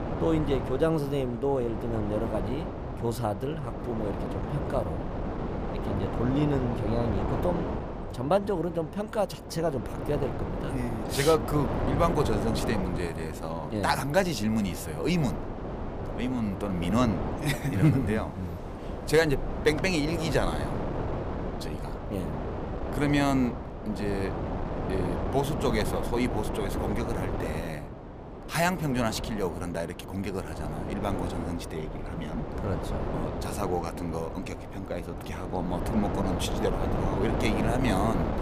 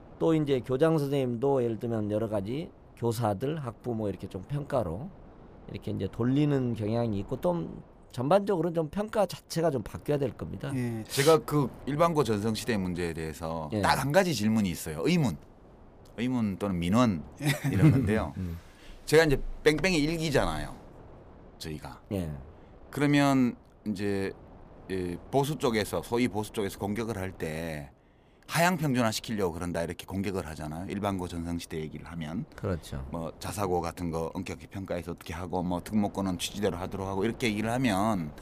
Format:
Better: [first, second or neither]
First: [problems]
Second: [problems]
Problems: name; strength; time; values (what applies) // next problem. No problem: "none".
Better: second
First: wind noise on the microphone; heavy; 5 dB below the speech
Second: wind noise on the microphone; occasional gusts; 25 dB below the speech